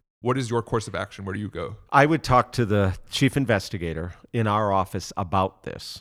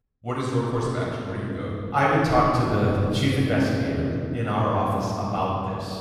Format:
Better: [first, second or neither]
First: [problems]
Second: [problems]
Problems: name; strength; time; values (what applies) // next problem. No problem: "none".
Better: first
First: none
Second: off-mic speech; far // room echo; strong; dies away in 2.7 s